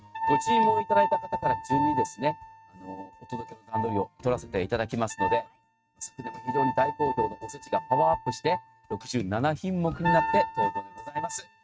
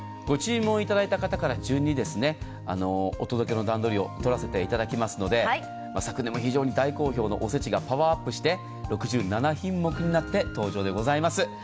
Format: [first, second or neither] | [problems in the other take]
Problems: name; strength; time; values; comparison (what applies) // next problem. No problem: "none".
second | noise reduction (neural mask model RNNoise)